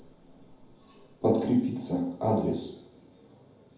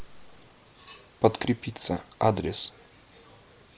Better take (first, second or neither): second